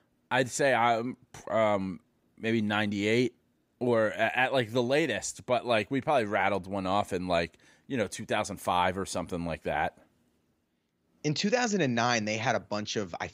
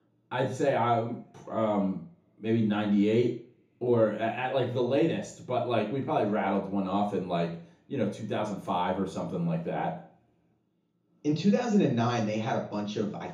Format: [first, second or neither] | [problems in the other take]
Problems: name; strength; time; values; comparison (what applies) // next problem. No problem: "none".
first | room echo; noticeable; dies away in 0.7 s // off-mic speech; far